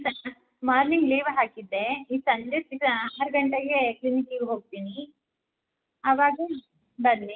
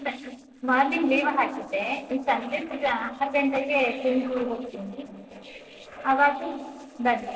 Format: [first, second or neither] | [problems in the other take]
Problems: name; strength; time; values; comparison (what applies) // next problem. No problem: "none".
first | noise reduction (neural separator model SepFormer DNS4)